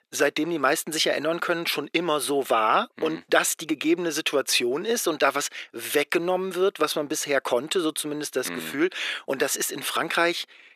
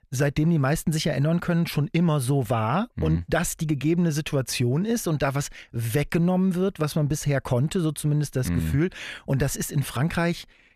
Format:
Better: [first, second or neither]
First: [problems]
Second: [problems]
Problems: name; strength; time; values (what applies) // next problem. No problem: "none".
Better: second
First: thin; very; fading below 350 Hz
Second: none